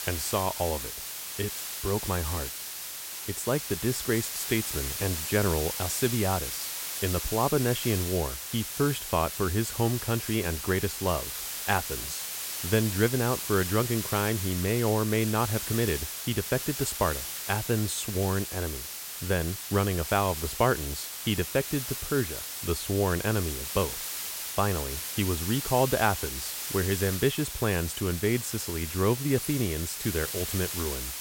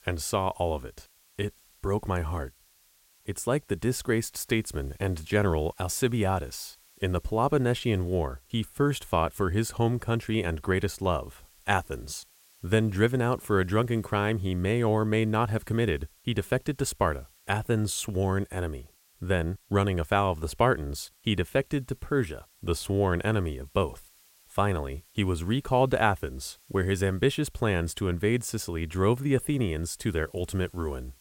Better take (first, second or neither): second